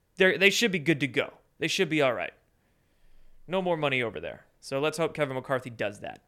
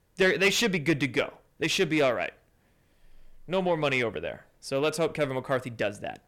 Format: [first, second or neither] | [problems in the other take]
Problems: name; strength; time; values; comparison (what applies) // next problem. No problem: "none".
first | distortion; slight; 10 dB below the speech